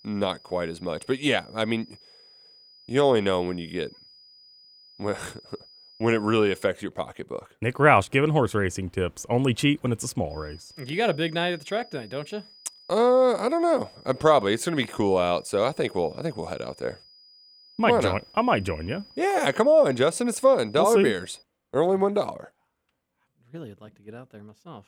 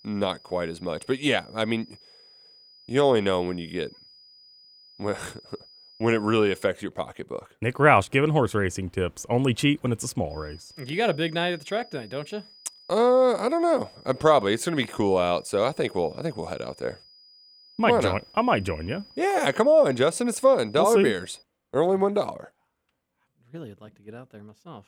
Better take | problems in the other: neither | high-pitched whine; faint; until 6.5 s and from 10 to 21 s; 5 kHz, 25 dB below the speech; the same in both

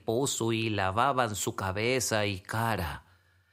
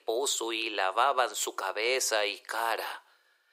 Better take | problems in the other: first | thin; very; fading below 400 Hz

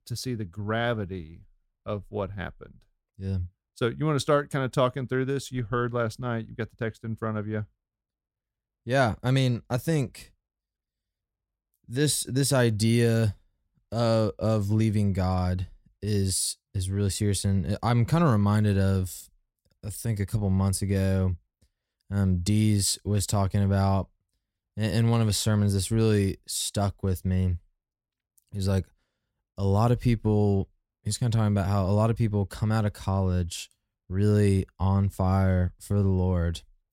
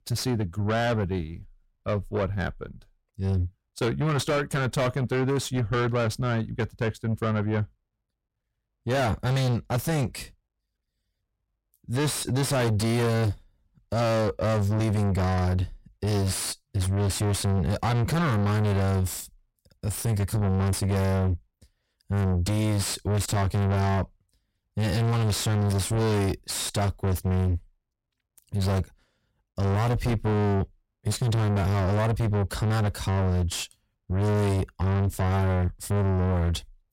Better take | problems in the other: first | distortion; heavy; 6 dB below the speech

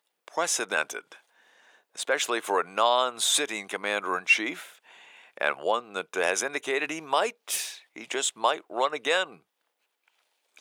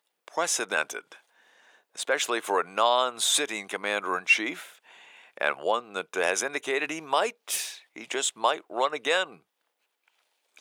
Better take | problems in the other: neither | thin; very; fading below 550 Hz; the same in both

